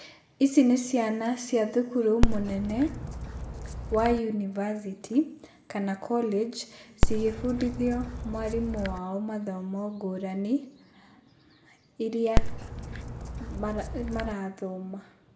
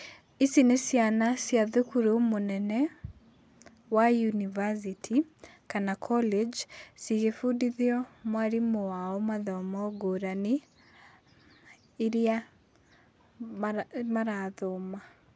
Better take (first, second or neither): second